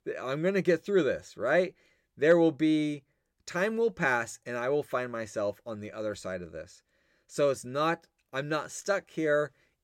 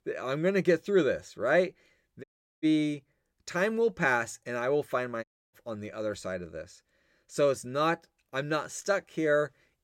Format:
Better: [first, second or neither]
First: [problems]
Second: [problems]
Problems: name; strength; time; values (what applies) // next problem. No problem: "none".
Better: first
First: none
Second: audio cutting out; at 2 s and at 5 s